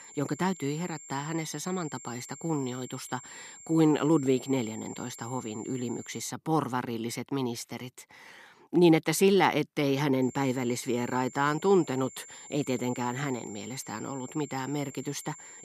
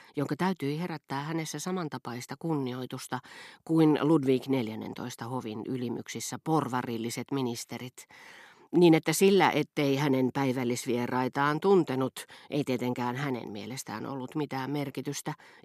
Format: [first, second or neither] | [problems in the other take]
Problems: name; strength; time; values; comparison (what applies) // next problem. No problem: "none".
second | high-pitched whine; noticeable; until 6.5 s and from 10 s on; 7.5 kHz, 15 dB below the speech